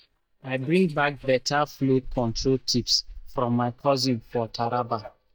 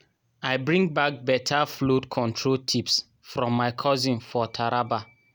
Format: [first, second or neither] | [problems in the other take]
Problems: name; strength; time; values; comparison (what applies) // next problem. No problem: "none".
second | noise reduction (neural mask model DeepFilterNet 3)